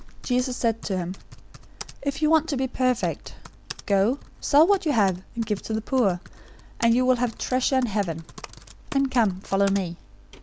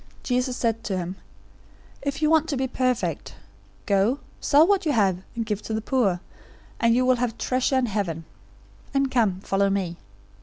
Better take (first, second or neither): second